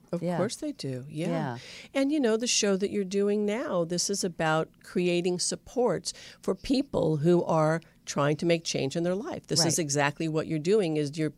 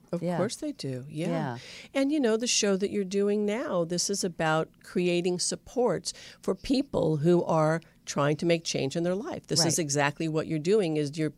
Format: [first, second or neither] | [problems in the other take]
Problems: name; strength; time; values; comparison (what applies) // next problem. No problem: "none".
neither | none